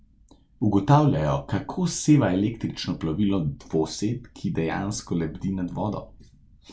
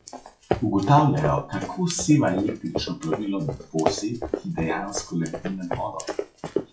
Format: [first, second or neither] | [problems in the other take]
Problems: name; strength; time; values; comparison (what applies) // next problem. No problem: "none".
first | noise reduction (classical method WPE with log-MMSE)